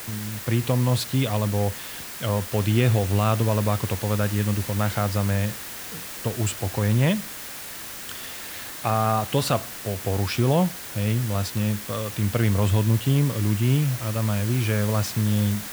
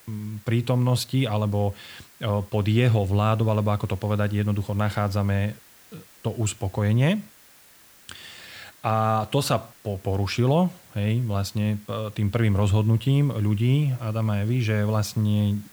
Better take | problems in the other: second | hiss; loud; throughout; 9 dB below the speech; faint in the second

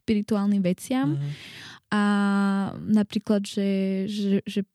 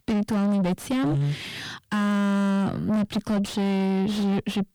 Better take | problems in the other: first | distortion; heavy; 7 dB below the speech

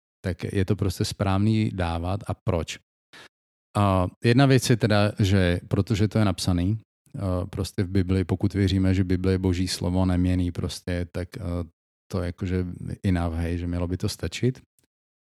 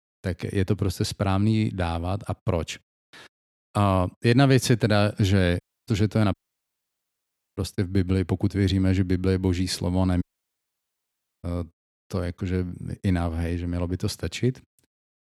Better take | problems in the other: first | audio cutting out; at 5.5 s, at 6.5 s for 1 s and at 10 s for 1 s

